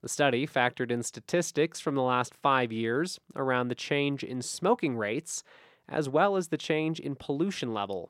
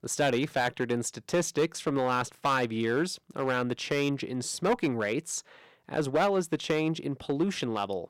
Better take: first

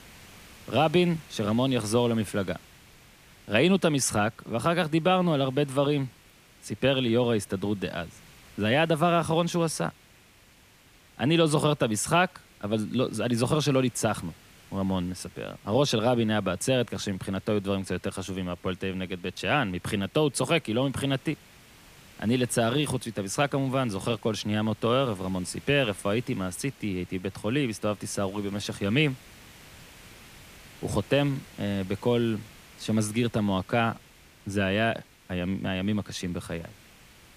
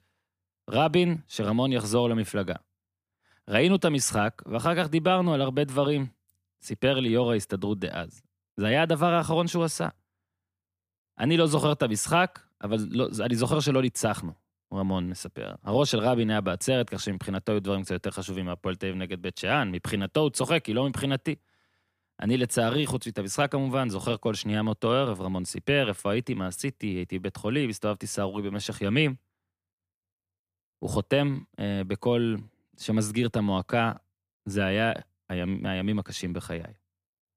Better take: second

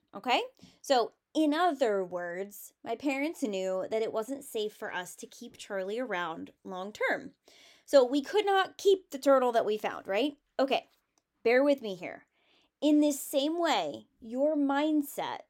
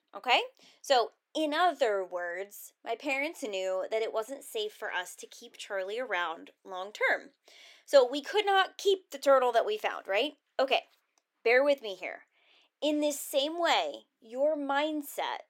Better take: first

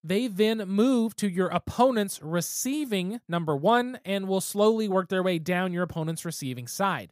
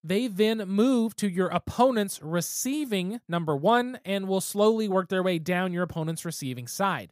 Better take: neither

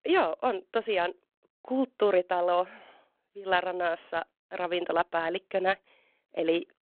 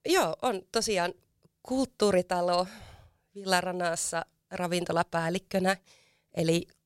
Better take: second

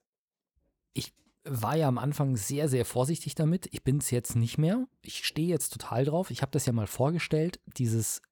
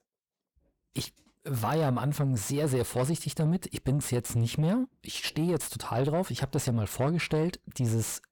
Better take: first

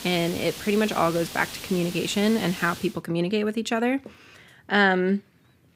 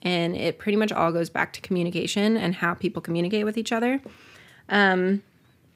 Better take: second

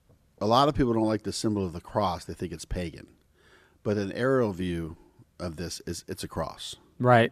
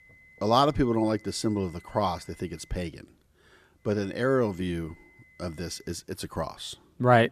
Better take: first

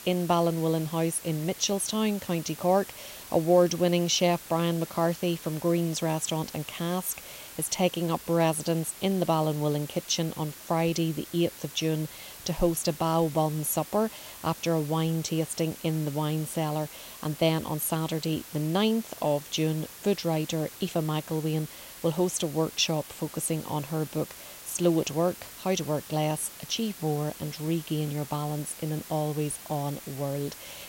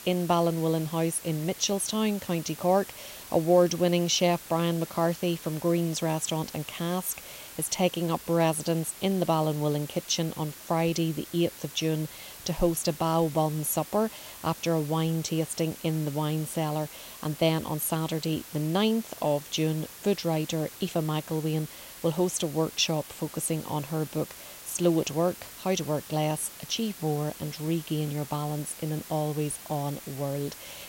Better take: neither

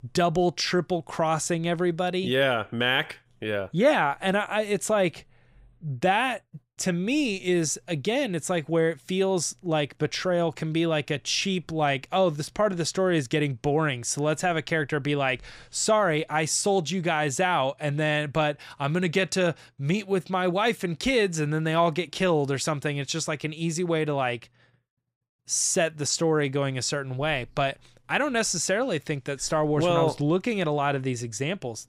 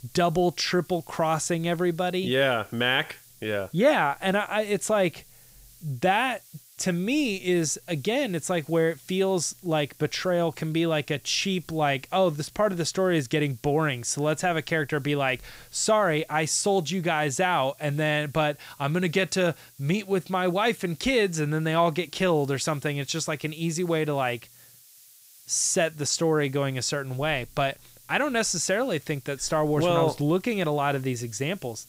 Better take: first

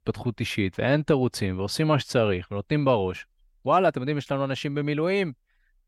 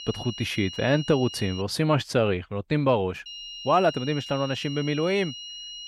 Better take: first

